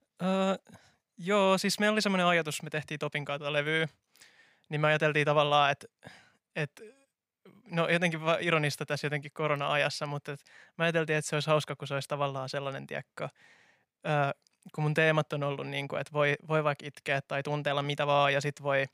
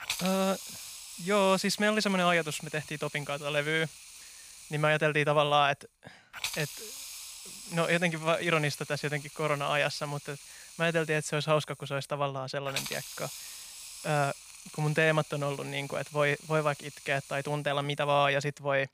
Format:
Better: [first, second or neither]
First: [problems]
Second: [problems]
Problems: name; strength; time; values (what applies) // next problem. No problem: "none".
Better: first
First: none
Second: hiss; noticeable; throughout; 15 dB below the speech